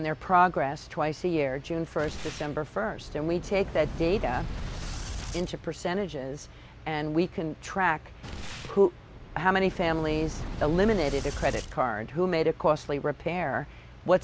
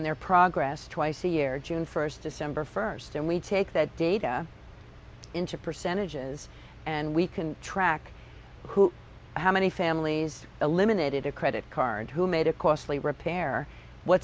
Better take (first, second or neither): second